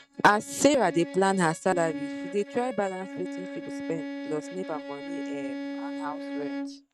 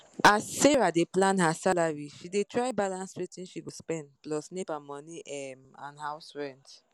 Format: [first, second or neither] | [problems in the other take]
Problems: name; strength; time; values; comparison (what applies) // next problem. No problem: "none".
second | noise reduction (neural mask model RNNoise)